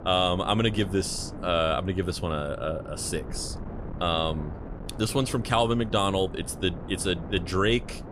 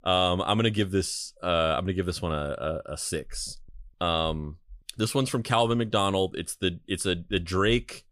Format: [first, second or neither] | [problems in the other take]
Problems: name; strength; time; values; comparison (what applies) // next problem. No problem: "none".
second | wind noise on the microphone; occasional gusts; 15 dB below the speech